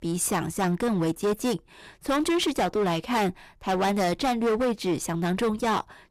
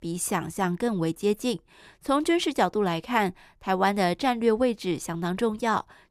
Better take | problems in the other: second | distortion; heavy; 16% of the sound clipped

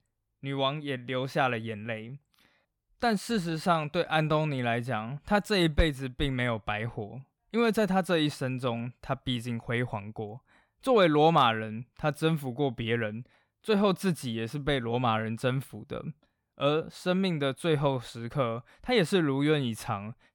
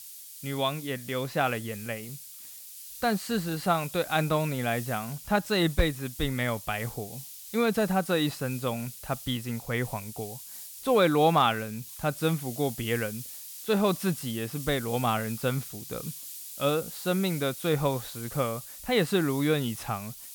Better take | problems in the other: first | hiss; noticeable; throughout; 10 dB below the speech

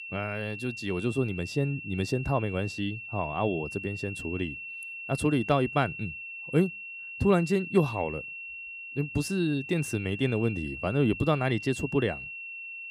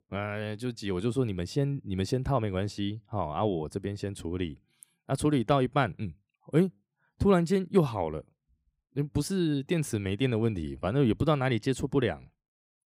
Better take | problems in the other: second | high-pitched whine; loud; throughout; 2.5 kHz, 9 dB below the speech

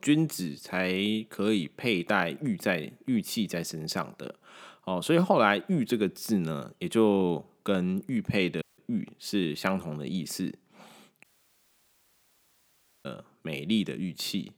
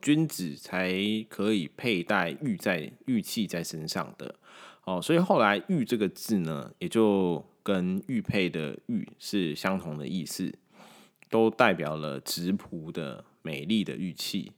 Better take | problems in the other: second | audio cutting out; at 8.5 s and at 11 s for 2 s

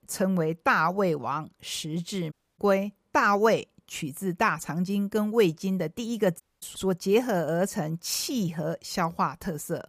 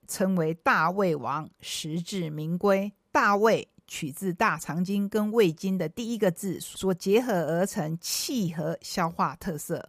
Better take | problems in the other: second | audio cutting out; at 2.5 s and at 6.5 s

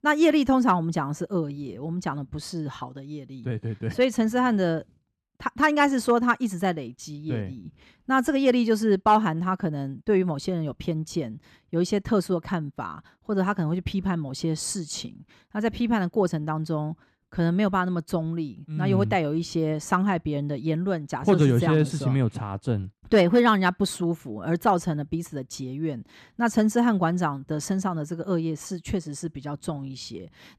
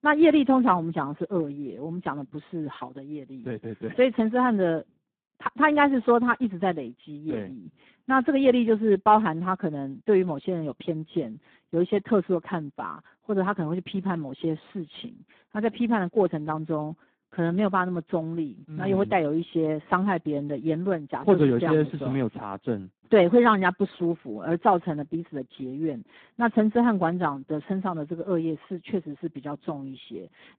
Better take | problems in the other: first | phone-call audio; poor line

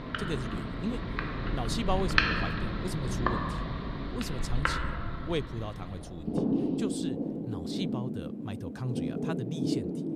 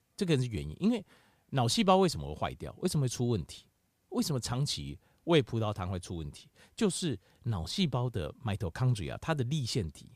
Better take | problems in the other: second | rain or running water; very loud; throughout; 5 dB above the speech

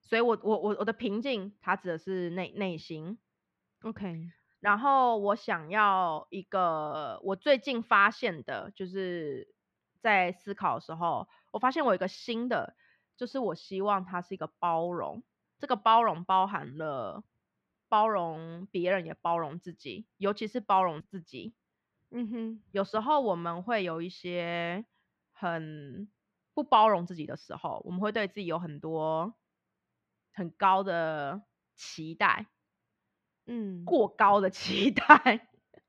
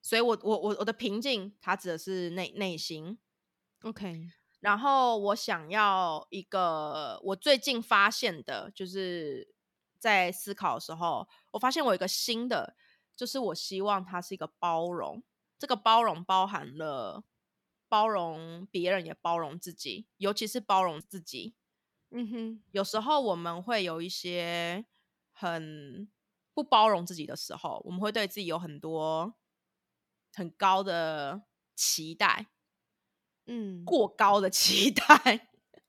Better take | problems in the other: second | muffled; very; fading above 2 kHz

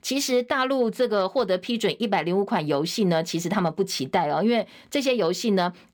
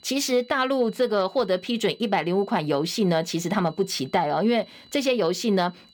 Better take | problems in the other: first | high-pitched whine; faint; throughout; 4 kHz, 25 dB below the speech

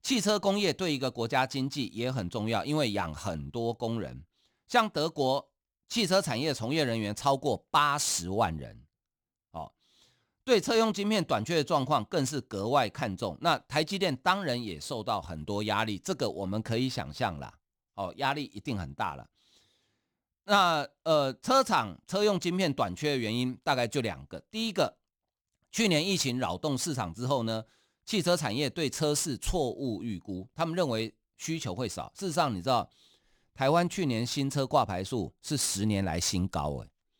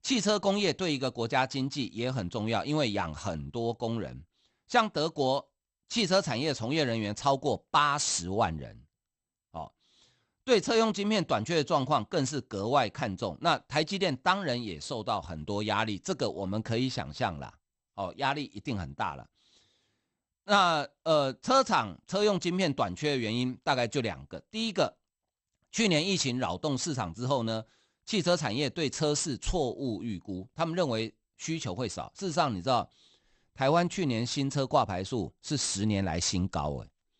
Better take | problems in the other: first | garbled, watery; slightly; nothing above 8.5 kHz

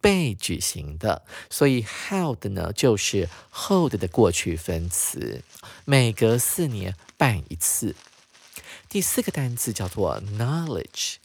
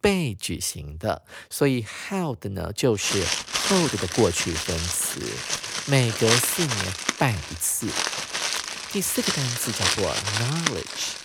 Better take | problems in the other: first | household noises; loud; from 3 s on; as loud as the speech; faint in the first

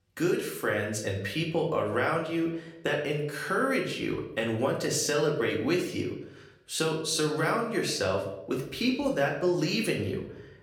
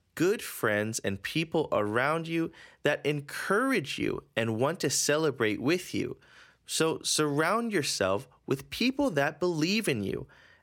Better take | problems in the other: second | room echo; slight; dies away in 0.6 s // off-mic speech; somewhat distant

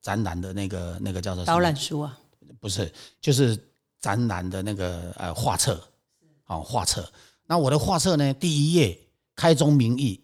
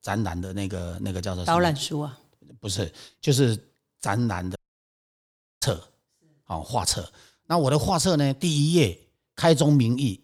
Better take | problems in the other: first | audio cutting out; at 4.5 s for 1 s

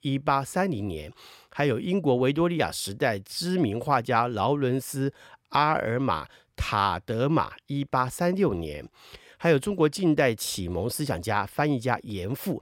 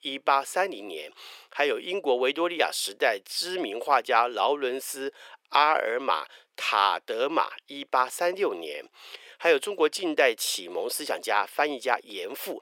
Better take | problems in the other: first | thin; very; fading below 400 Hz

